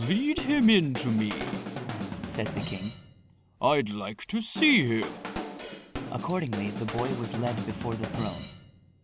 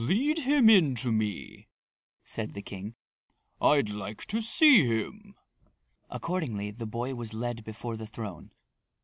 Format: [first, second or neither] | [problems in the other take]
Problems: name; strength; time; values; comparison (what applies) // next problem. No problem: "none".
second | background sound (Drum / Drum kit); 8 dB below the speech